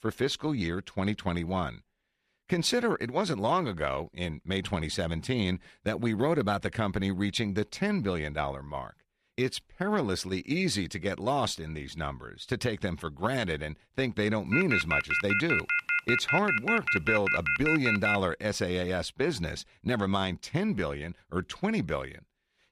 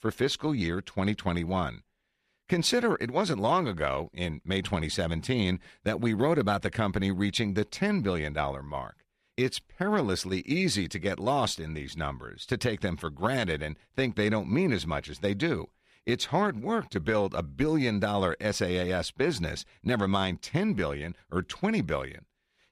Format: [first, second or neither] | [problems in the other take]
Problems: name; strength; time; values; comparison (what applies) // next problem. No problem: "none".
second | phone ringing; loud; from 15 to 18 s; peak 4 dB above the speech